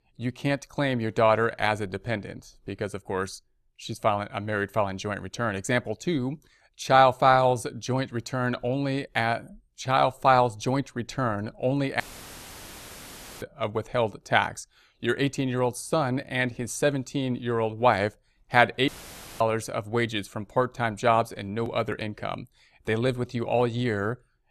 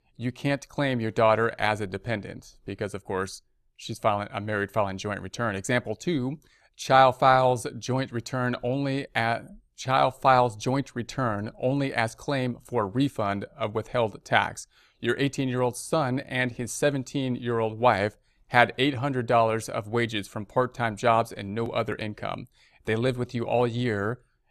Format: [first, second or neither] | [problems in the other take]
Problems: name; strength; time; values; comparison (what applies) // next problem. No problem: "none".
second | audio cutting out; filled with static; at 12 s for 1.5 s and at 19 s for 0.5 s